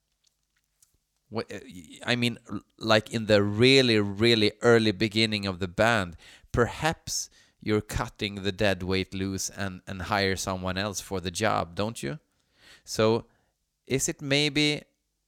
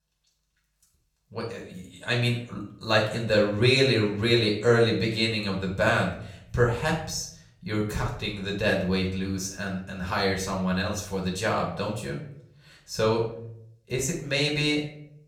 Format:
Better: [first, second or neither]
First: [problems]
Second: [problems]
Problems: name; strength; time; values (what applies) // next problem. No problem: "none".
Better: first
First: none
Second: off-mic speech; far // room echo; slight; dies away in 0.5 s